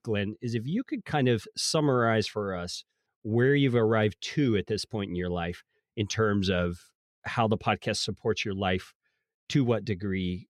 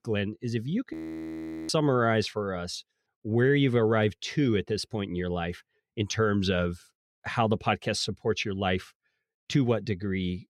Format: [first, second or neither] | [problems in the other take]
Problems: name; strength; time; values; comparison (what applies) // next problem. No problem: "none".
first | audio freezing; at 1 s for 1 s